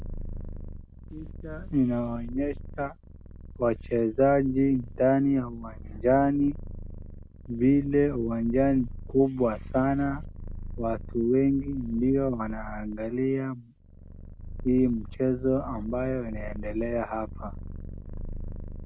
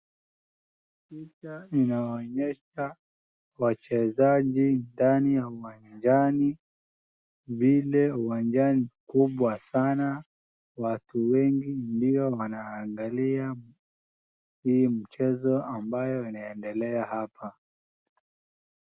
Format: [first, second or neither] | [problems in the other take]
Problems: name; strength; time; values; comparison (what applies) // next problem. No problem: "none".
second | background sound (Purr); 11 dB below the speech